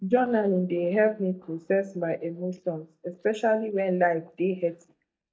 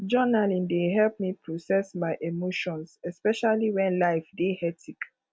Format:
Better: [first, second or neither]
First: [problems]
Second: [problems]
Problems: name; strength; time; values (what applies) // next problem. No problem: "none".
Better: second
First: noise reduction (neural mask model DeepFilterNet 3)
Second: none